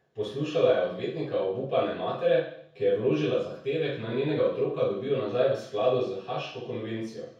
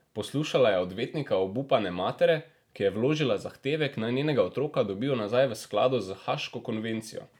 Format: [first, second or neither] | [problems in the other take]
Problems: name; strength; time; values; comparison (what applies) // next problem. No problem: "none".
second | room echo; dies away in 0.6 s